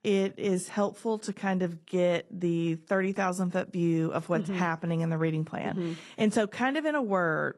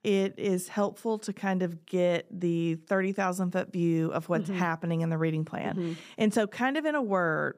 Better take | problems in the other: second | garbled, watery; slightly

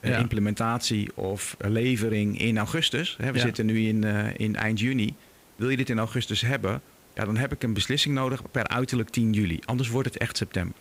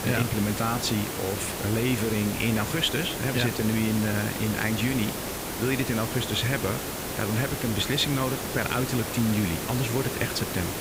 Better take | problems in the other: first | hiss; loud; throughout; 4 dB below the speech; faint in the first

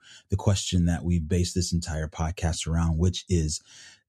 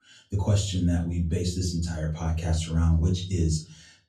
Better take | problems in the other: first | off-mic speech; far // room echo; slight; dies away in 0.3 s

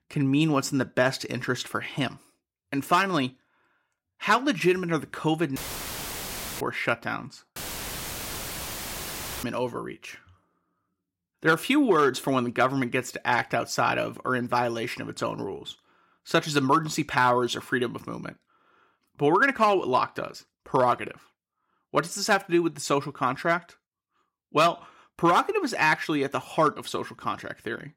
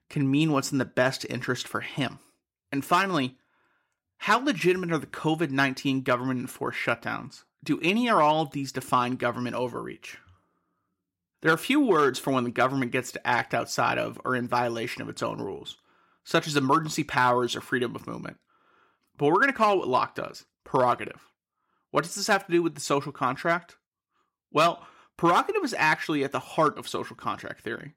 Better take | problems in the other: second | audio cutting out; filled with static; at 5.5 s for 1 s and at 7.5 s for 2 s

